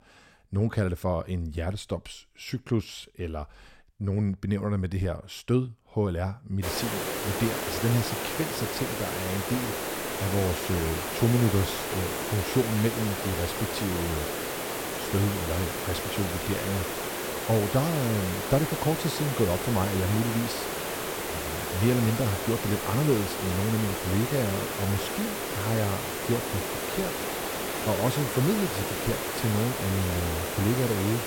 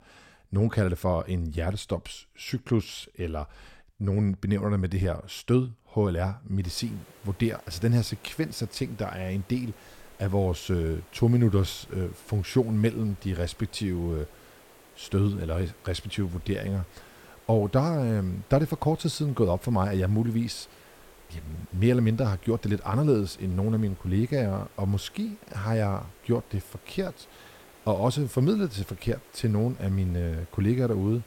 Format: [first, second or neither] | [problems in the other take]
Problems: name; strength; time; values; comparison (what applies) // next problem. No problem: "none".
second | hiss; loud; from 6.5 s on; 2 dB below the speech; faint in the second